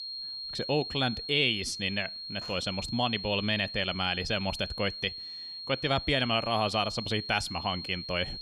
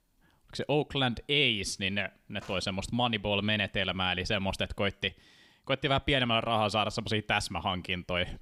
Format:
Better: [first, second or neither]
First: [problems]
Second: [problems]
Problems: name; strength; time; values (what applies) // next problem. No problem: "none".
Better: second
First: high-pitched whine; loud; throughout; 4.5 kHz, 7 dB below the speech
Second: none